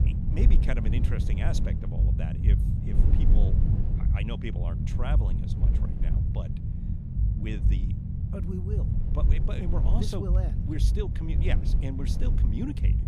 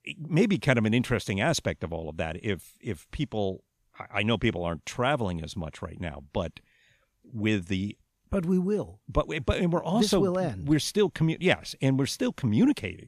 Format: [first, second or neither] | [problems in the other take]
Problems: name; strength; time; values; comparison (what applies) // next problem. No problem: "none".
second | low rumble; loud; throughout; 2 dB below the speech